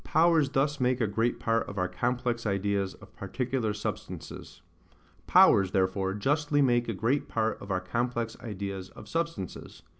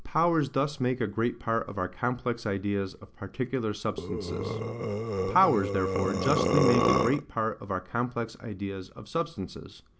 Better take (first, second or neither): first